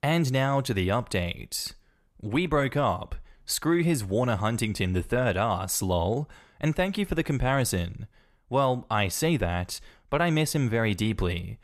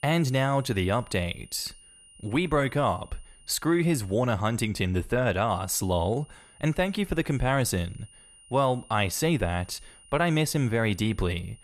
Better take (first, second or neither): first